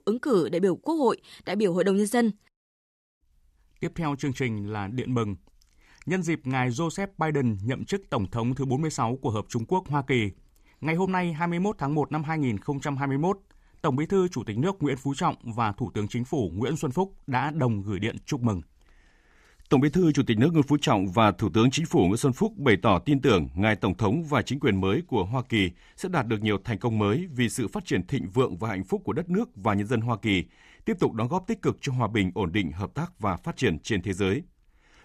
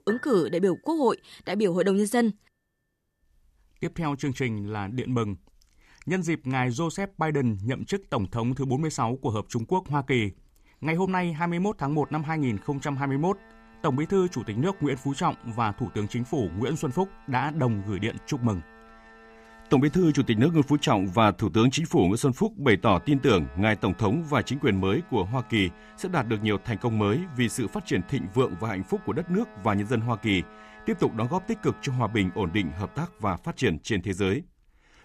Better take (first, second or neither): first